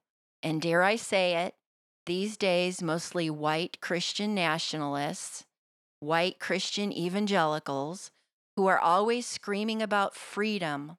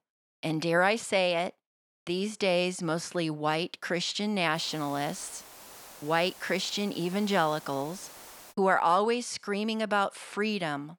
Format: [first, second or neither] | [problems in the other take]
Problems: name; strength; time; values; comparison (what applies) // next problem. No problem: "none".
first | hiss; noticeable; from 4.5 to 8.5 s; 20 dB below the speech